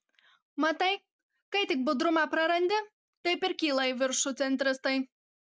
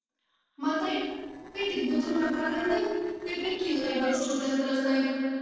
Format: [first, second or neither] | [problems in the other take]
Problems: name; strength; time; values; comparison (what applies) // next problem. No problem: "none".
first | noise reduction (neural separator model SepFormer DNS4)